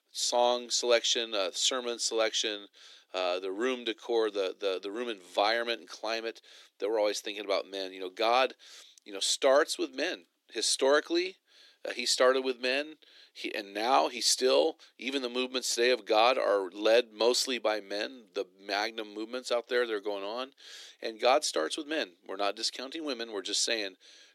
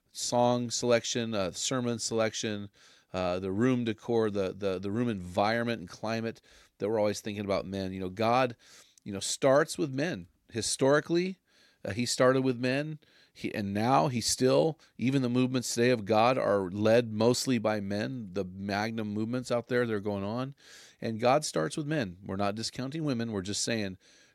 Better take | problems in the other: second | thin; somewhat; fading below 300 Hz

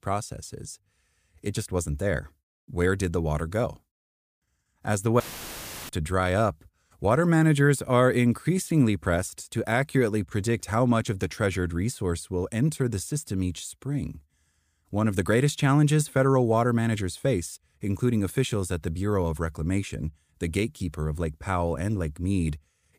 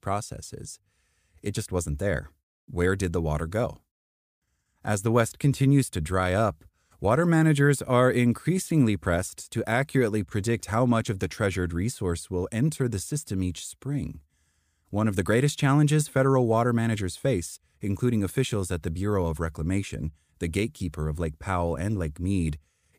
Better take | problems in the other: second | audio cutting out; filled with static; at 5 s for 0.5 s

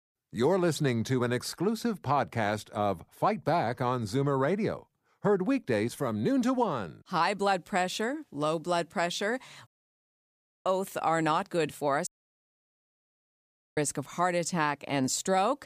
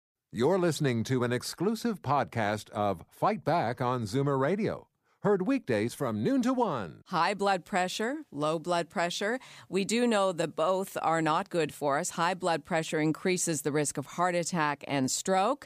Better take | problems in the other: second | audio cutting out; at 9.5 s for 1 s and at 12 s for 1.5 s

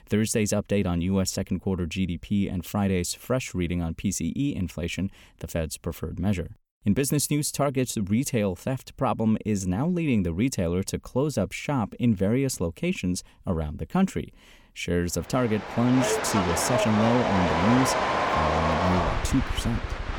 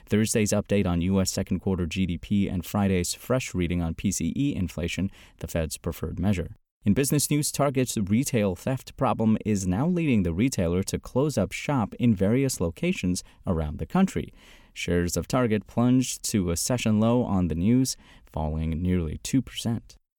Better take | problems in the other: second | train or aircraft noise; very loud; from 16 s on; as loud as the speech

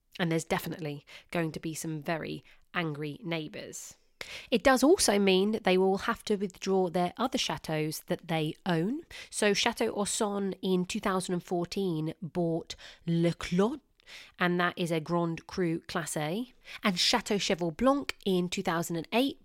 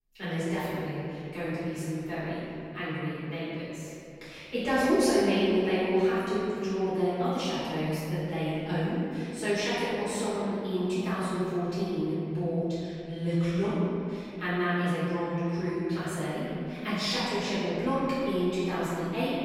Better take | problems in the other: first | room echo; strong; dies away in 2.7 s // off-mic speech; far

